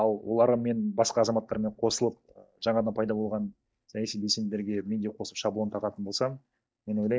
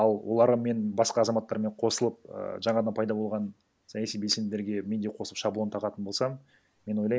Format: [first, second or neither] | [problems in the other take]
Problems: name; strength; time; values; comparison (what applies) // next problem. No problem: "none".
second | noise reduction (neural mask model DeepFilterNet 3)